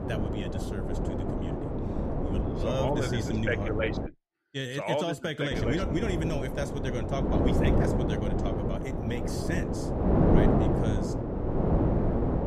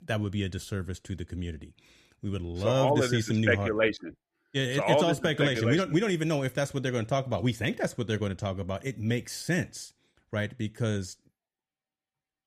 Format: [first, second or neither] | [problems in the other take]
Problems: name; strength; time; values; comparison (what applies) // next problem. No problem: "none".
second | wind noise on the microphone; heavy; until 4 s and from 5.5 s on; 1 dB above the speech